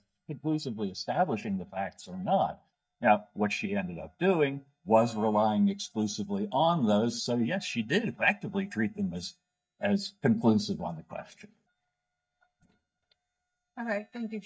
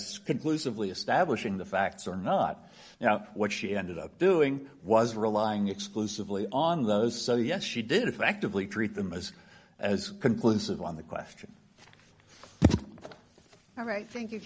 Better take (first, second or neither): second